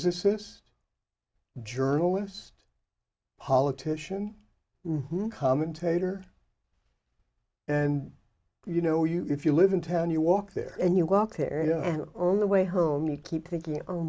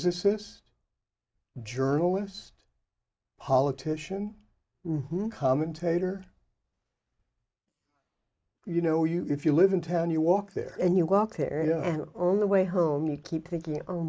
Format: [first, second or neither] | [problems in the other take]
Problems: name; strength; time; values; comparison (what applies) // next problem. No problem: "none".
first | noise reduction (neural mask model Resemble Enhance denoiser)